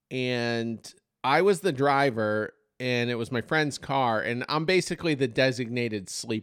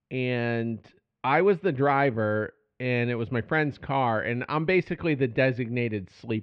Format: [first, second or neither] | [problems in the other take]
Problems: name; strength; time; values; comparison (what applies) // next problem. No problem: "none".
first | muffled; very; fading above 3 kHz